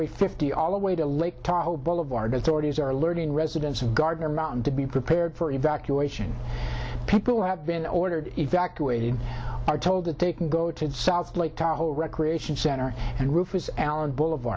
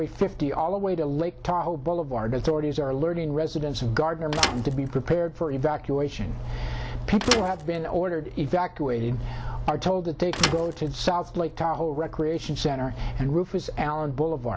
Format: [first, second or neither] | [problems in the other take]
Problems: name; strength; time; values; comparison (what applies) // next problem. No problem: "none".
first | background sound (Thump, thud); 8 dB below the speech